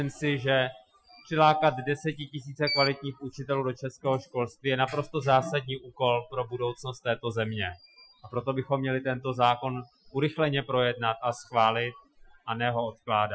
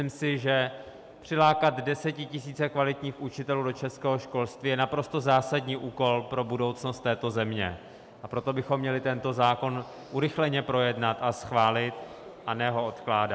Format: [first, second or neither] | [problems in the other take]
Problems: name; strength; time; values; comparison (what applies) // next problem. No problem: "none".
second | noise reduction (classical method Wiener filter)